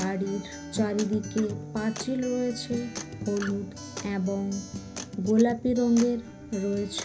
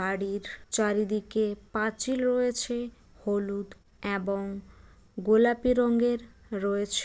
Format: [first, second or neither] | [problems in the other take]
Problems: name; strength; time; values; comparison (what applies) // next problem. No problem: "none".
second | background sound (Acoustic guitar); 10 dB below the speech // room echo; dies away in 0.5 s